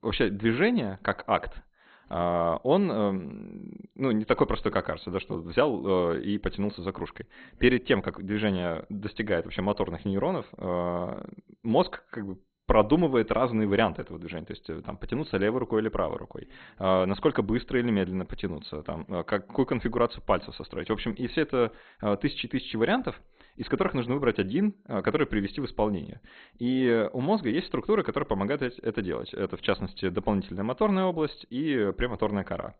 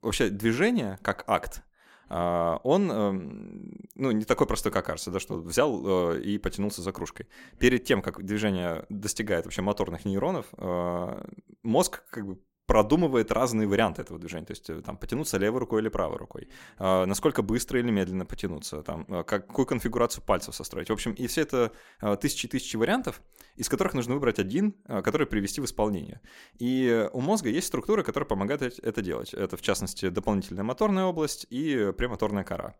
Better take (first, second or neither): second